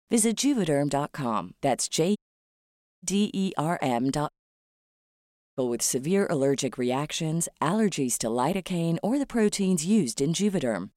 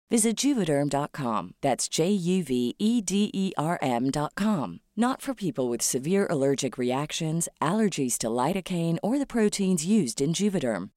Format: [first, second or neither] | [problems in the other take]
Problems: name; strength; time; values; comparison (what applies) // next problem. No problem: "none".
second | audio cutting out; at 2 s for 1 s and at 4.5 s for 1.5 s